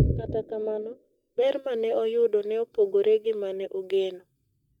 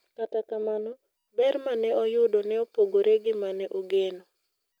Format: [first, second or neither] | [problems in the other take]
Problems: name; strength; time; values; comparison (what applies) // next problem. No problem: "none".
second | noise reduction (neural mask model DeepFilterNet 3)